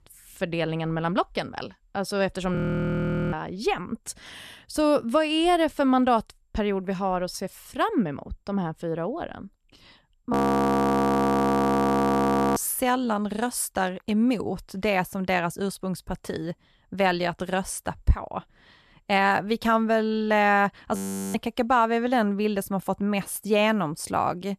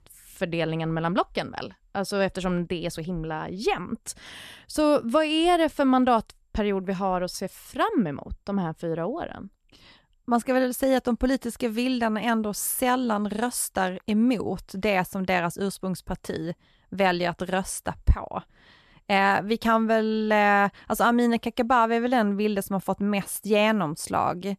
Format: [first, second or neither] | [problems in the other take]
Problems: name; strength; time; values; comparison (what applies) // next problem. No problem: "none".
second | audio freezing; at 2.5 s for 1 s, at 10 s for 2 s and at 21 s